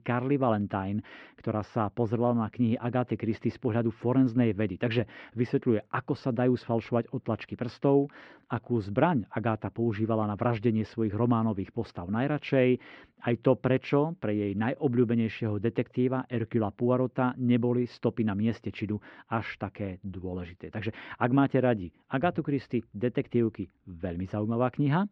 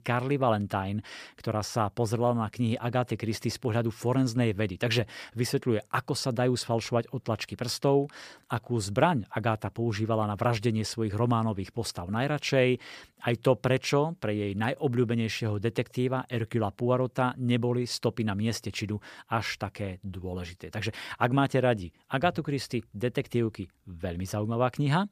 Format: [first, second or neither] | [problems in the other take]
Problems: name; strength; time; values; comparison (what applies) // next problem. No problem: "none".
second | muffled; very; fading above 2.5 kHz